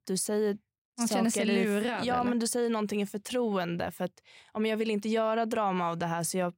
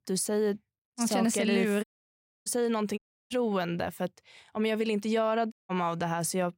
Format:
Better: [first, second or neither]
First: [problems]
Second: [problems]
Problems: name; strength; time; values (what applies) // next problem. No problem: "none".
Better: first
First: none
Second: audio cutting out; at 2 s for 0.5 s, at 3 s and at 5.5 s